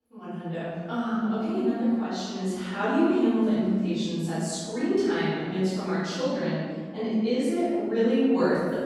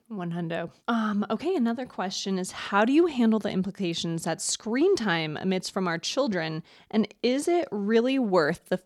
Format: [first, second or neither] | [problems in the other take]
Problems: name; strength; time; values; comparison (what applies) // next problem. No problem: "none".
second | off-mic speech; far // room echo; strong; dies away in 1.9 s